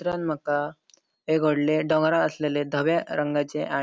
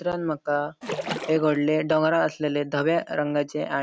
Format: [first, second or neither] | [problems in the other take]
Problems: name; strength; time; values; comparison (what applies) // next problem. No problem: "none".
first | background sound (Splash, splatter); 9 dB below the speech